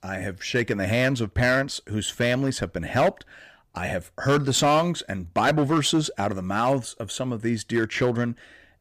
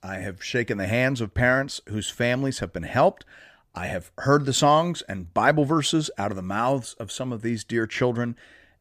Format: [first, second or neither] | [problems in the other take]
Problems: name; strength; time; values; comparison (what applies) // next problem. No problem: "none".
second | distortion; slight; 5% of the sound clipped